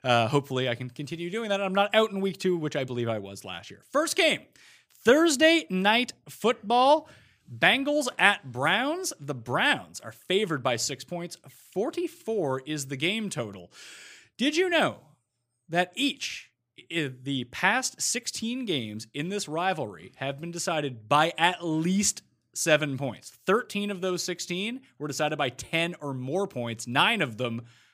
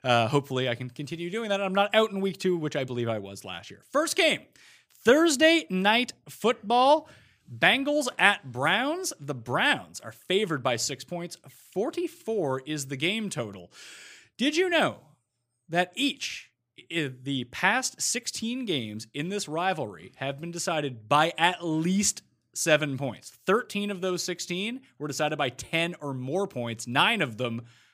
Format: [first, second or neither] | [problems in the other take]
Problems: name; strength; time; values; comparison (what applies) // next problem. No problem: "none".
neither | none